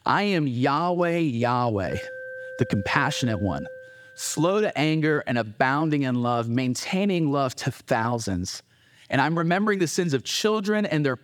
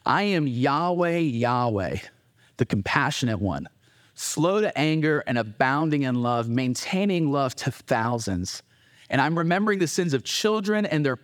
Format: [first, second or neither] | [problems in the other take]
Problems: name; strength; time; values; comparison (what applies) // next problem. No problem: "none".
second | alarm; faint; from 2 to 4.5 s; peak 10 dB below the speech